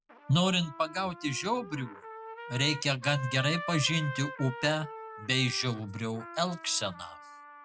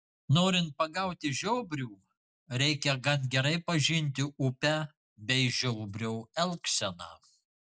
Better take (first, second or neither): second